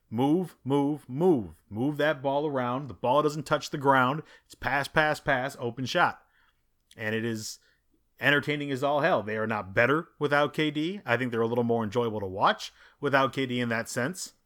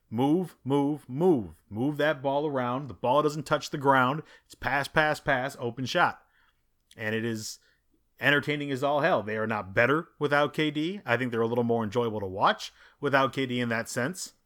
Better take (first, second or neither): neither